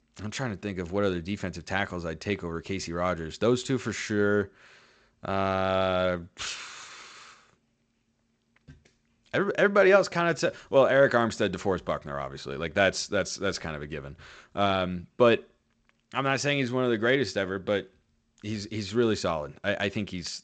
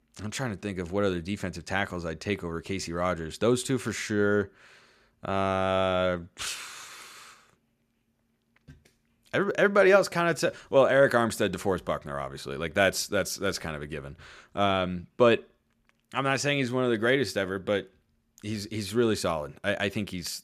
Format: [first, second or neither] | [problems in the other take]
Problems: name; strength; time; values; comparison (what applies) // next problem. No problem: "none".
second | garbled, watery; slightly; nothing above 8 kHz